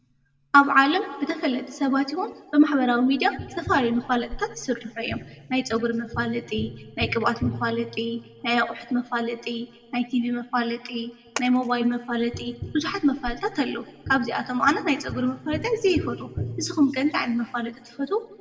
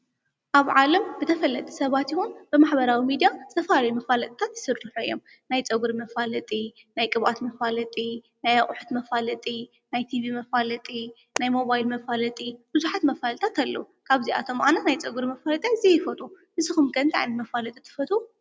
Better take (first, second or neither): second